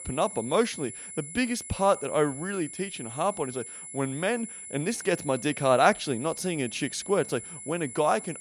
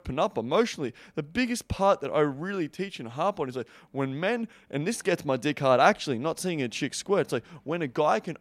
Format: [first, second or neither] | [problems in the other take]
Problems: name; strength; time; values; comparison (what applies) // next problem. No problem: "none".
second | high-pitched whine; noticeable; throughout; 10 kHz, 10 dB below the speech